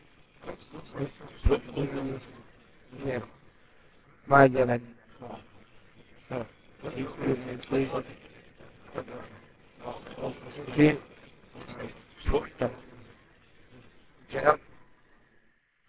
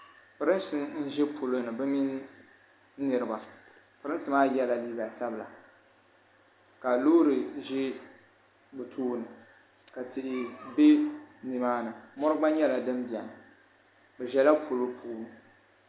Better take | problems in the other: second | noise reduction (neural separator model SepFormer WHAMR!)

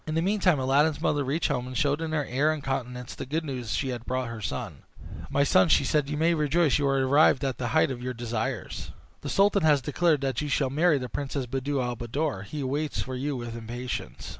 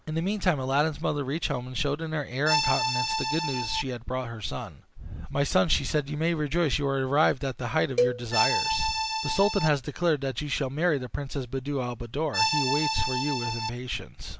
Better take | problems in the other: first | background sound (Accordion + Cowbell); 1 dB above the speech

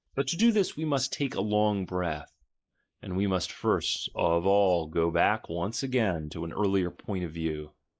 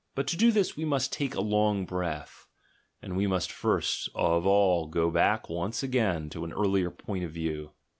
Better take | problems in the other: second | noise reduction (neural mask model Resemble Enhance denoiser)

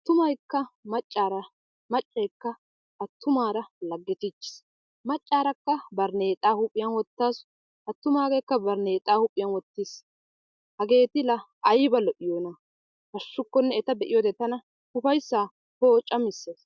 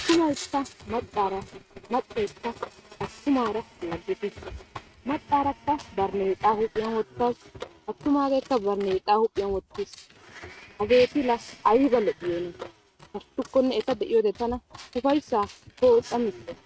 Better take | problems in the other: first | noise reduction (neural mask model RNNoise)

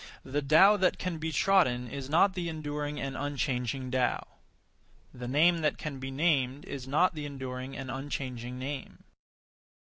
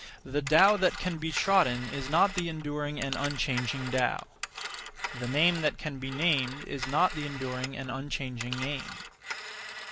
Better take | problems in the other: first | background sound (Telephone); 10 dB below the speech

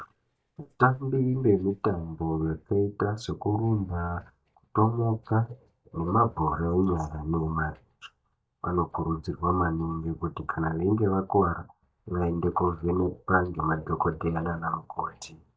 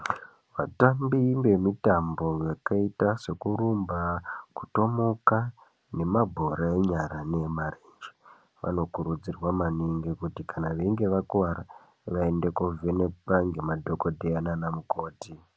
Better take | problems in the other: second | noise reduction (neural mask model DeepFilterNet 3)

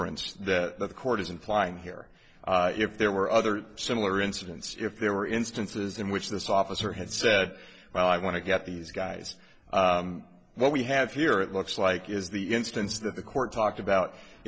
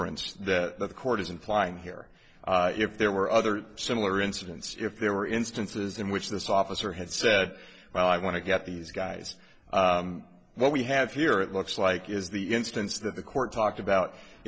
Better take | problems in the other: second | background sound (Bowed string instrument); 18 dB below the speech

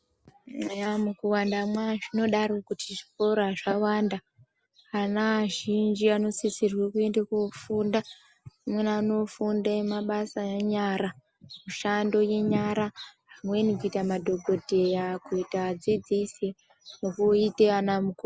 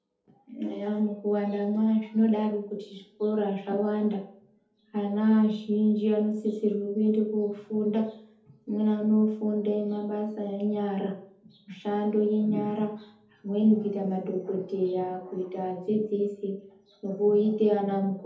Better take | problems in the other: first | room echo; dies away in 0.6 s

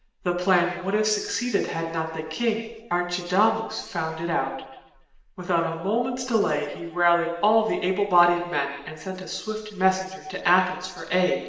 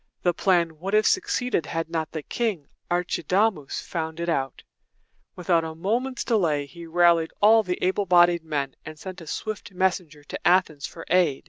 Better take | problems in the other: second | room echo; dies away in 1 s

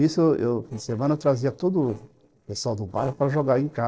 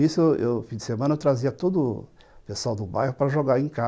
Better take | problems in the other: second | noise reduction (neural separator model SepFormer DNS4)

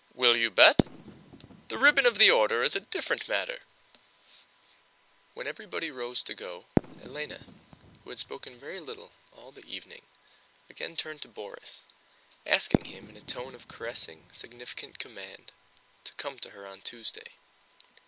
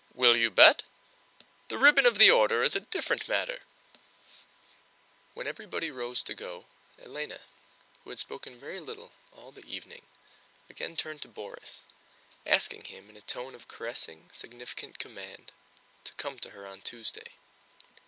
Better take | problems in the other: second | background sound (Fireworks); 8 dB below the speech

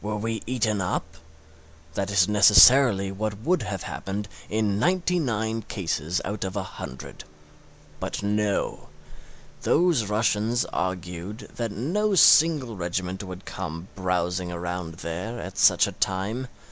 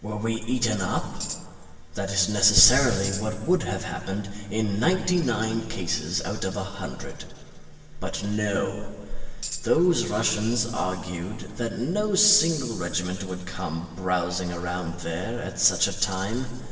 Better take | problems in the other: first | background sound (Tambourine); 12 dB below the speech // room echo; dies away in 1.9 s

